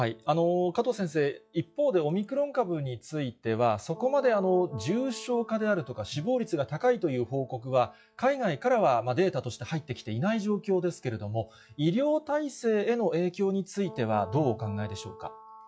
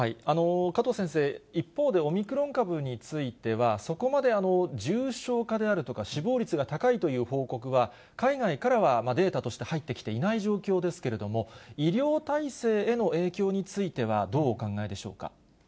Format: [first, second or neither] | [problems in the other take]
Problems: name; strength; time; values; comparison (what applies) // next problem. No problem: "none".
second | noise reduction (classical method log-MMSE)